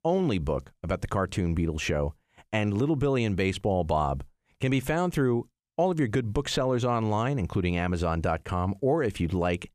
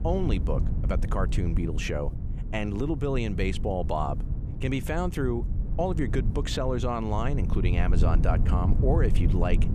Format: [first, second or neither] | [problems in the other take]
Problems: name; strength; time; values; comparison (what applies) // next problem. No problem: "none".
first | low rumble; noticeable; throughout; 10 dB below the speech